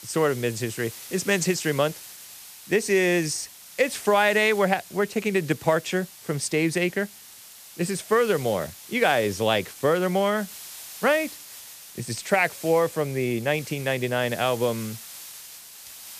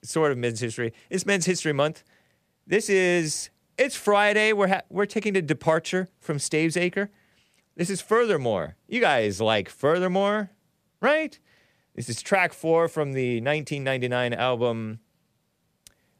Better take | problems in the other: second | hiss; noticeable; throughout; 15 dB below the speech

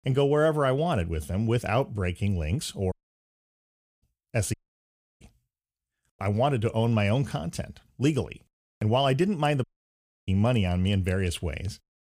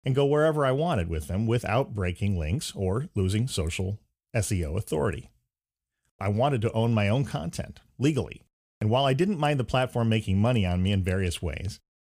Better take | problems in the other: second | audio cutting out; at 3 s for 1 s, at 4.5 s for 0.5 s and at 9.5 s for 0.5 s

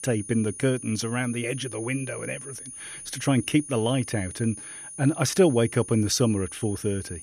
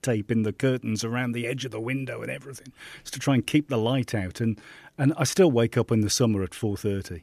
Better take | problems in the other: second | high-pitched whine; noticeable; throughout; 9.5 kHz, 10 dB below the speech

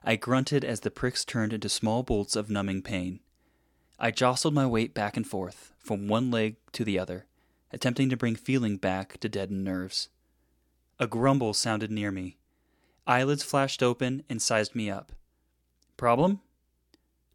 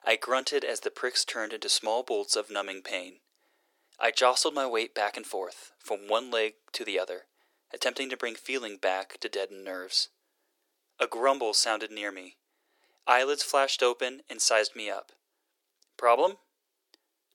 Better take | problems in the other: first | thin; very; fading below 400 Hz

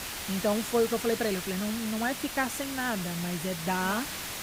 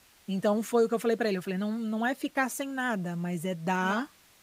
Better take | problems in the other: second | hiss; loud; throughout; 5 dB below the speech; faint in the second

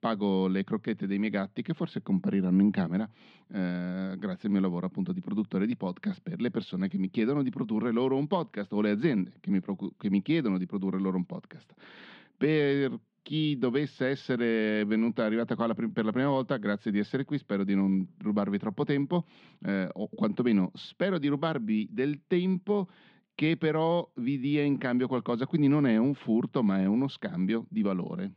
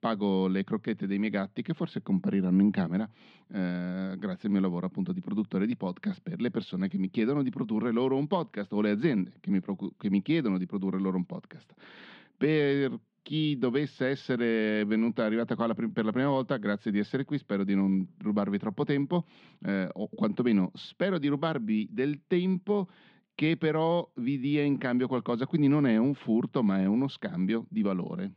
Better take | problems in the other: neither | muffled; slightly; fading above 3 kHz; the same in both

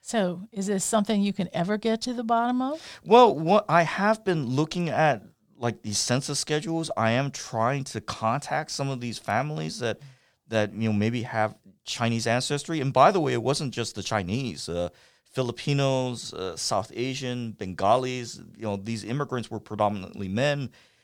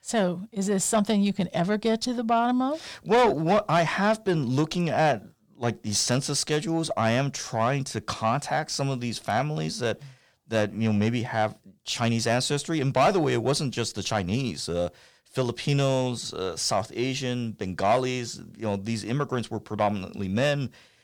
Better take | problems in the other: first | distortion; slight; 10 dB below the speech

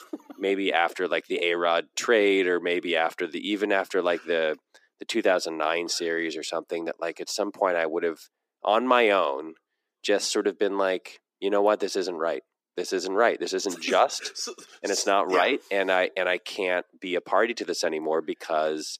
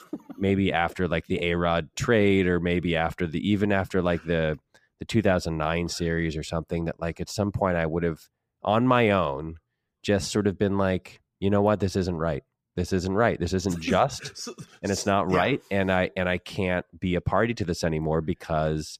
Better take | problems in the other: second | thin; somewhat; fading below 300 Hz

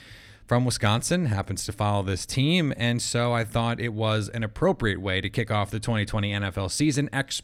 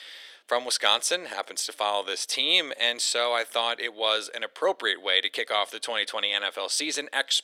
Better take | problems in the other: first | thin; very; fading below 450 Hz

